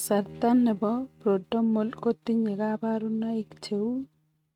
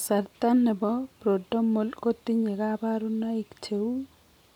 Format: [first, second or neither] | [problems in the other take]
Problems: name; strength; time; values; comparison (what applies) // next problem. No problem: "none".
second | noise reduction (neural mask model RNNoise)